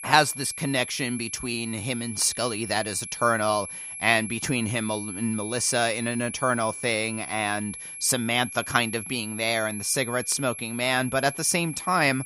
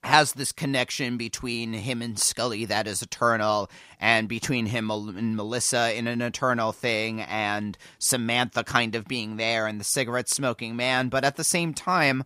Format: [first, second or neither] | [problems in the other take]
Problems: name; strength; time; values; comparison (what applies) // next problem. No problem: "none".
second | high-pitched whine; loud; throughout; 11 kHz, 9 dB below the speech